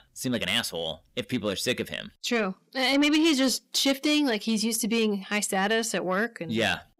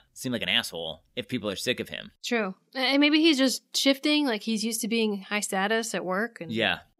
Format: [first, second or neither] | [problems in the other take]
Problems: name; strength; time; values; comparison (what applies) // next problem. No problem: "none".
second | distortion; slight; 10 dB below the speech